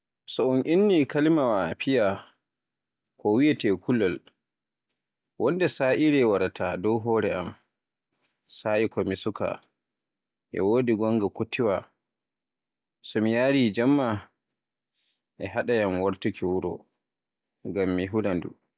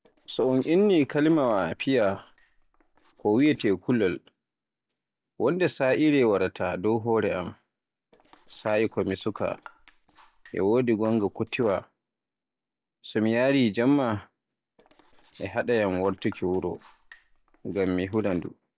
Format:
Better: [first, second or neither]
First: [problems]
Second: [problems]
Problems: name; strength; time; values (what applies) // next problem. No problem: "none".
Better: first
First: none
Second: noise reduction (neural separator model SepFormer DNS4)